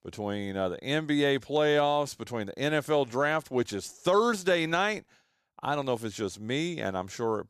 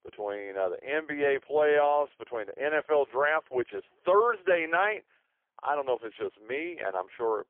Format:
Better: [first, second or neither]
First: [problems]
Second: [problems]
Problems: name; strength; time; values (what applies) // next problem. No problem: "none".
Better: first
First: none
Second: phone-call audio; poor line; nothing above 3.5 kHz